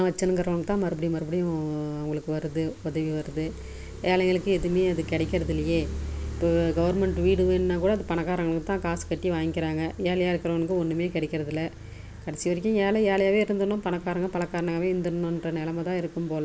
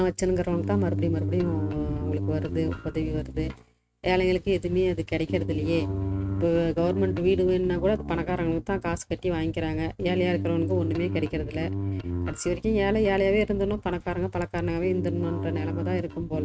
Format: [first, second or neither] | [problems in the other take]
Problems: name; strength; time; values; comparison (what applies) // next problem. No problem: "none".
first | noise reduction (neural mask model RNNoise)